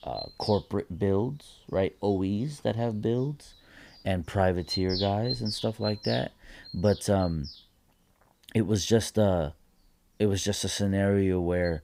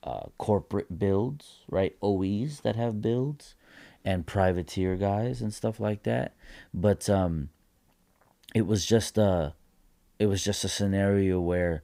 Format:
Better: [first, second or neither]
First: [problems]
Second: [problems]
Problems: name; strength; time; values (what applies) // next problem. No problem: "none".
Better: second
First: animal sounds; loud; throughout; 9 dB below the speech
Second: none